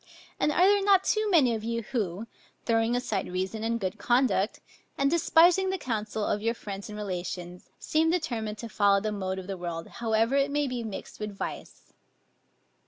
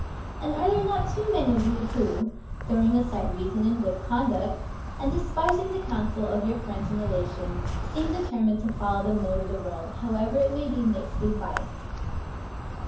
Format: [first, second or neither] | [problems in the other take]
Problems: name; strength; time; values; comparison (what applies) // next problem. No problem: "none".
first | background sound (Insect); 4 dB below the speech // room echo; dies away in 0.6 s